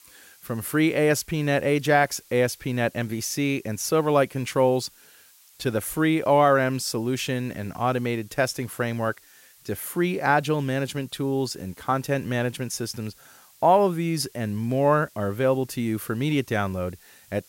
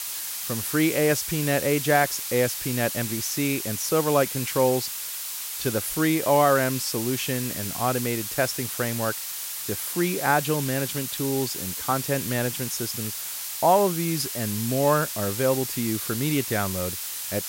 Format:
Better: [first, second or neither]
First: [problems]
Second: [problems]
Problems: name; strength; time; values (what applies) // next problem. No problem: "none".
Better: first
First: hiss; faint; throughout; 25 dB below the speech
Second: hiss; loud; throughout; 4 dB below the speech